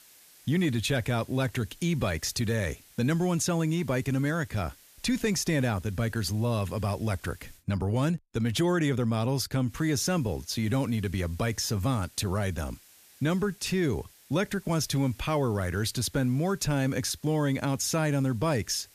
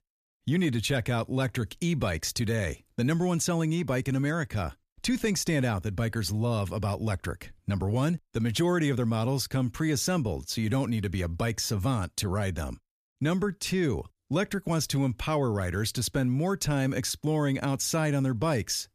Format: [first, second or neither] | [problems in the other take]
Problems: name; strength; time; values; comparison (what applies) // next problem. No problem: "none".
second | hiss; faint; until 7.5 s and from 9.5 s on; 25 dB below the speech